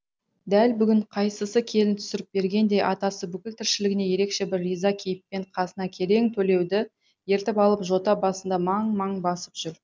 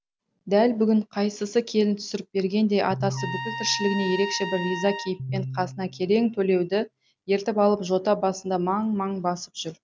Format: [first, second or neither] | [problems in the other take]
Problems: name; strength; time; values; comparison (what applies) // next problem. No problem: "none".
first | background sound (Trumpet + Piano); 9 dB below the speech